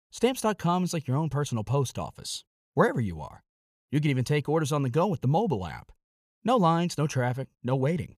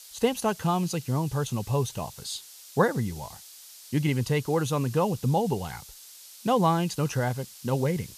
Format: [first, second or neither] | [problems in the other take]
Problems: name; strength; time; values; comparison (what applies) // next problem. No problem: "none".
first | hiss; noticeable; throughout; 15 dB below the speech